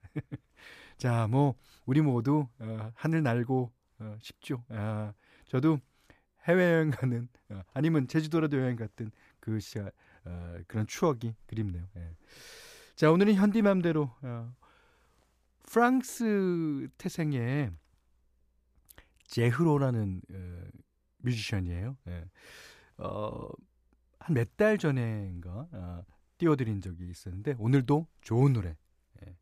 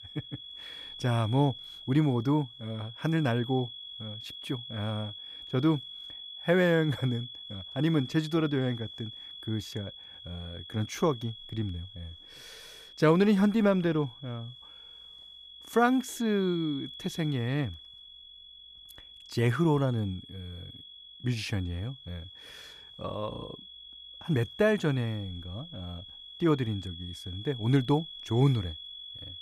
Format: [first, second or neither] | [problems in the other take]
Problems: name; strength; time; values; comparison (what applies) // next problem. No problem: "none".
first | high-pitched whine; noticeable; throughout; 3.5 kHz, 15 dB below the speech